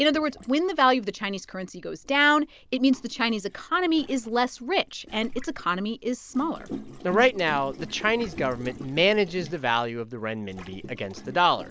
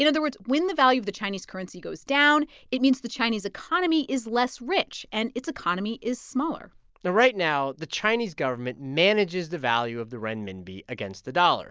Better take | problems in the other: second | background sound (Gurgling); 16 dB below the speech

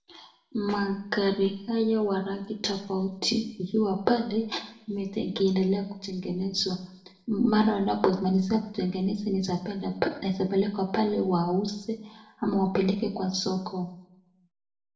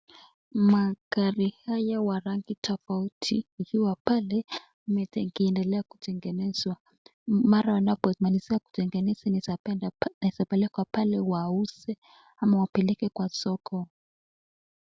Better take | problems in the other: second | room echo; dies away in 0.5 s

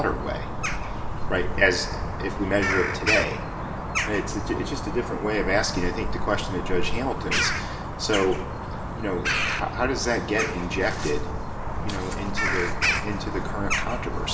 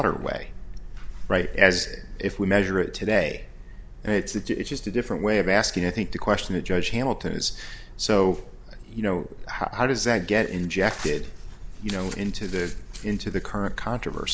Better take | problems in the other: second | background sound (Bird vocalization, bird call, bird song); 2 dB below the speech // room echo; dies away in 0.8 s

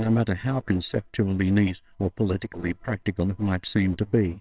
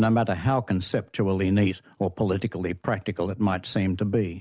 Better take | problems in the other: second | noise reduction (neural separator model SepFormer WHAMR!)

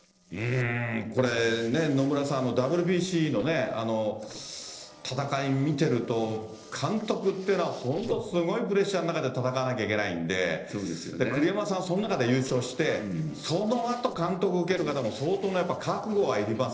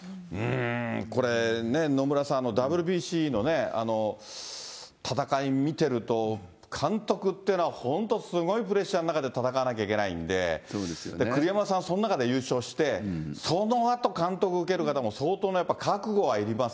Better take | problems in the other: second | noise reduction (neural separator model SepFormer DNS4)

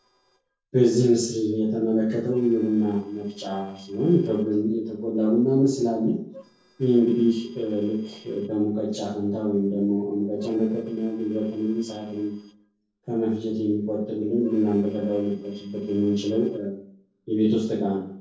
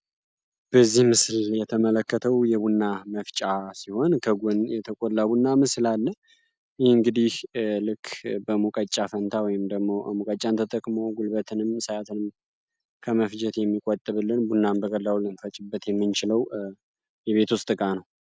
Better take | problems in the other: second | noise reduction (neural separator model SepFormer DNS4)

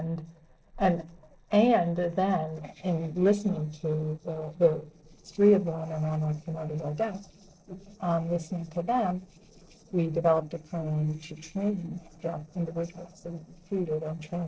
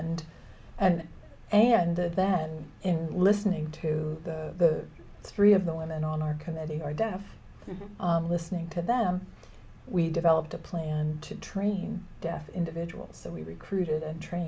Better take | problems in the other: second | noise reduction (neural separator model SepFormer DNS4)

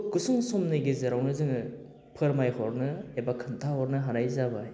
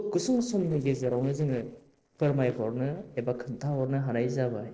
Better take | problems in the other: first | noise reduction (neural separator model SepFormer DNS4)

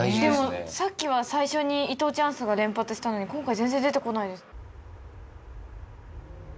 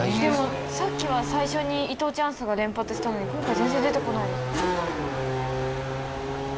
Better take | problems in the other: first | background sound (Race car, auto racing / Accelerating, revving, vroom); 1 dB below the speech

